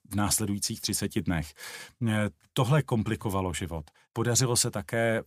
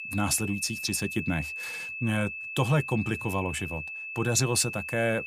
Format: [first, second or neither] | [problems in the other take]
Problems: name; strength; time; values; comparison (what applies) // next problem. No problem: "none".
first | high-pitched whine; loud; throughout; 2.5 kHz, 6 dB below the speech